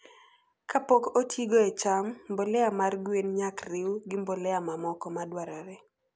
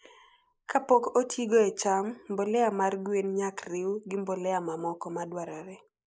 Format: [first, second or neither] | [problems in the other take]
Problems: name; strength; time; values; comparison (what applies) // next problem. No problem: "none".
first | noise reduction (neural mask model Resemble Enhance denoiser)